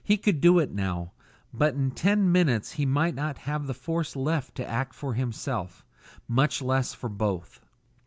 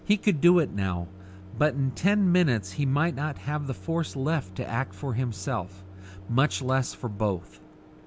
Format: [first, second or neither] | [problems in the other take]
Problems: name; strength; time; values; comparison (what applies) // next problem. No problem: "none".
first | background sound (Microwave oven); 17 dB below the speech